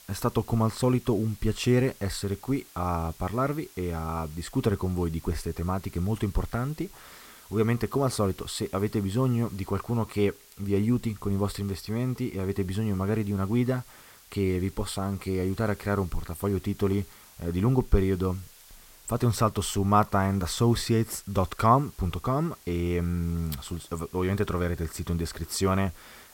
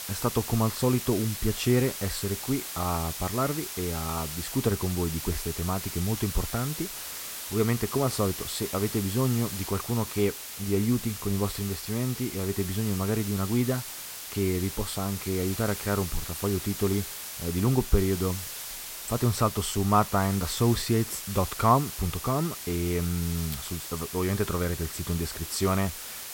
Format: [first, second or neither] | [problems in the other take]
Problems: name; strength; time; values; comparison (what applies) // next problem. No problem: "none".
first | hiss; loud; throughout; 7 dB below the speech; faint in the first